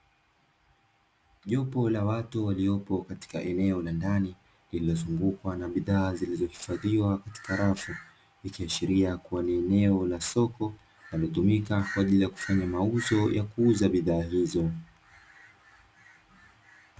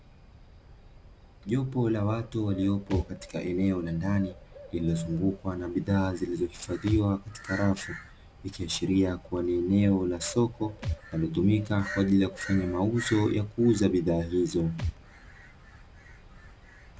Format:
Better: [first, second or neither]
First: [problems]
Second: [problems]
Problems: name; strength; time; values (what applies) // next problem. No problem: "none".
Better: first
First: none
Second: background sound (Thump, thud + Bird); 14 dB below the speech